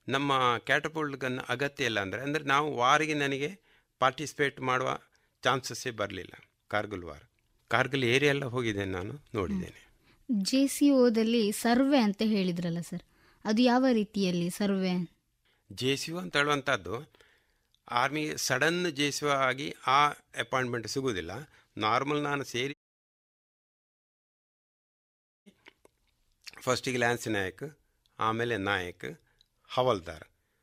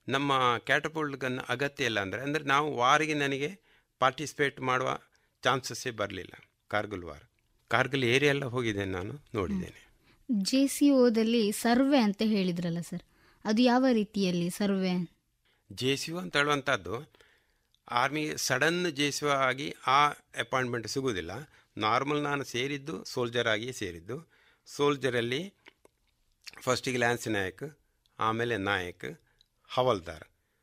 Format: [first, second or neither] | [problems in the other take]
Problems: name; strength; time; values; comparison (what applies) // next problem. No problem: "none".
second | audio cutting out; at 23 s for 2.5 s